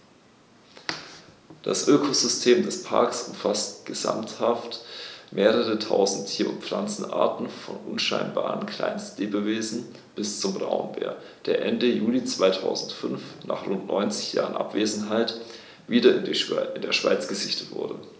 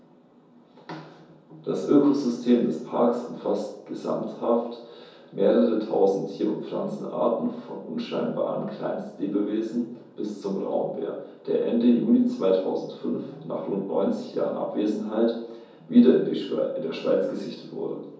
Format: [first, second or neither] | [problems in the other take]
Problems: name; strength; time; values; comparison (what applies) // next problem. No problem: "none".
first | room echo; dies away in 0.6 s